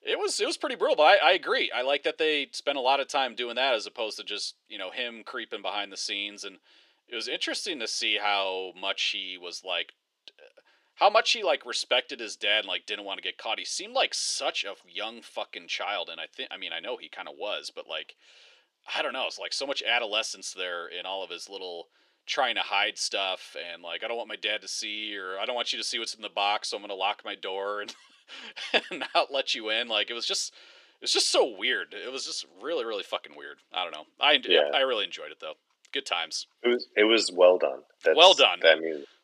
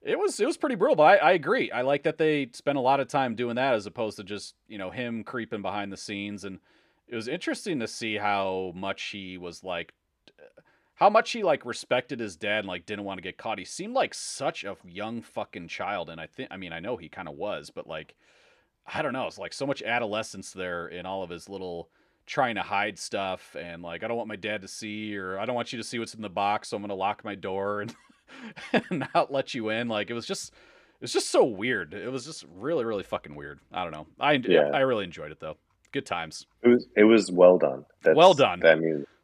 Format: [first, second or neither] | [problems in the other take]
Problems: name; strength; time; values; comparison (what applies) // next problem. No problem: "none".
second | thin; somewhat; fading below 350 Hz